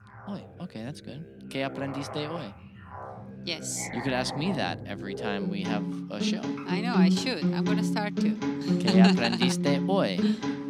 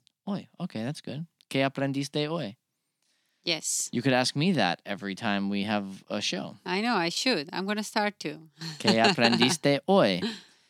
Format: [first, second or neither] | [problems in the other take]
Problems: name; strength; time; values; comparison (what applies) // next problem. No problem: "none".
second | background music; very loud; throughout; 3 dB above the speech